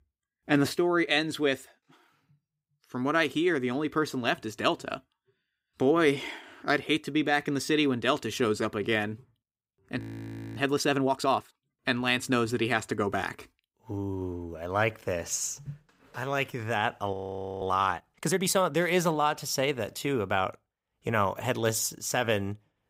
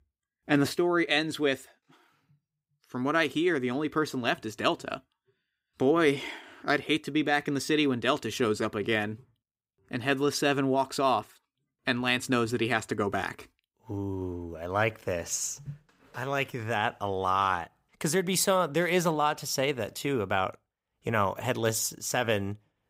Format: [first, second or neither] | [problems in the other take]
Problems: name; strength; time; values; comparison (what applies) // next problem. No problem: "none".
second | audio freezing; at 10 s for 0.5 s and at 17 s